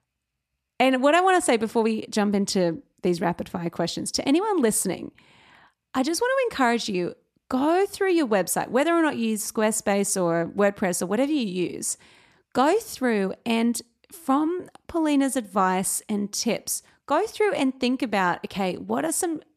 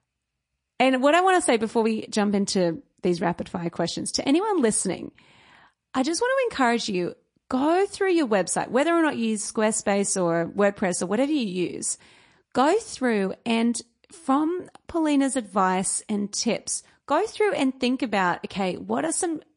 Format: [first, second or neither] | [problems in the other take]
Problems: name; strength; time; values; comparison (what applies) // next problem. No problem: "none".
first | garbled, watery; slightly; nothing above 10.5 kHz